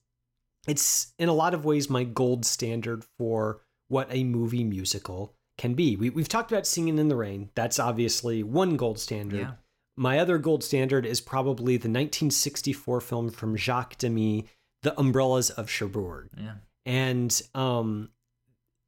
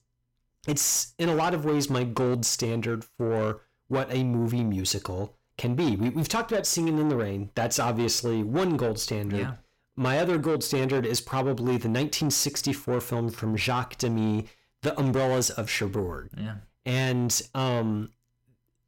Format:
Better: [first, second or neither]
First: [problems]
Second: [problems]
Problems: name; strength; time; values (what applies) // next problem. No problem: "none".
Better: first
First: none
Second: distortion; slight; 10 dB below the speech